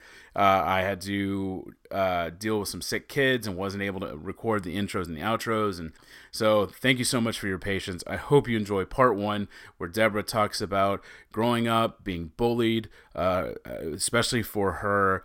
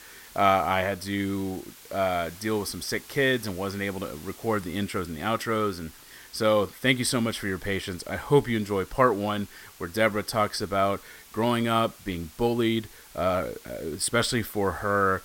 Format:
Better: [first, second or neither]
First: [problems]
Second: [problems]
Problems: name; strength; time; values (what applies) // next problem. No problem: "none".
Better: first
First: none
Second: hiss; faint; throughout; 20 dB below the speech